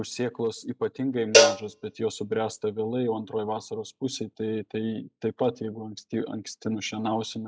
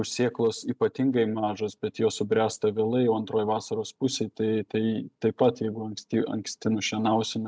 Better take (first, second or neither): second